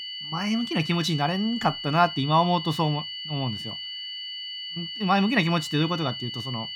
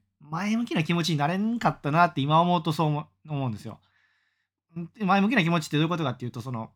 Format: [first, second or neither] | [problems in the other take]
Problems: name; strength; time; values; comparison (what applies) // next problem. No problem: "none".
second | high-pitched whine; loud; throughout; 3 kHz, 7 dB below the speech